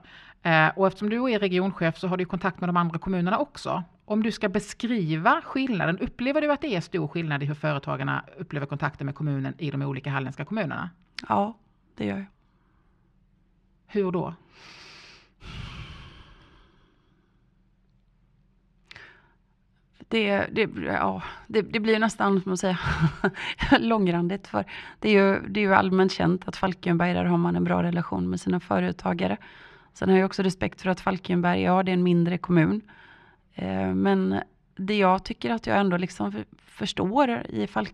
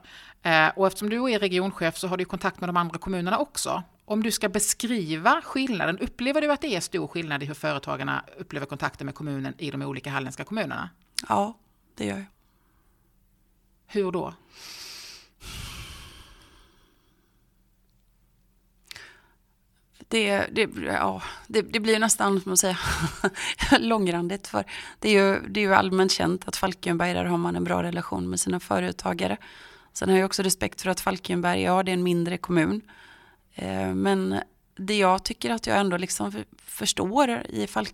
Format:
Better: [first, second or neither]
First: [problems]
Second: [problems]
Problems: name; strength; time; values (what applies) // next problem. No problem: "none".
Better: second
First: muffled; slightly; fading above 3 kHz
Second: none